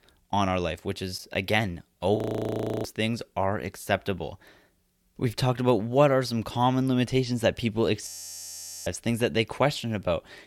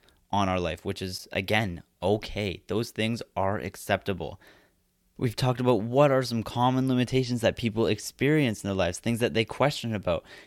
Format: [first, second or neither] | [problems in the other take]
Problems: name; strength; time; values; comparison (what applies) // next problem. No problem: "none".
second | audio freezing; at 2 s for 0.5 s and at 8 s for 1 s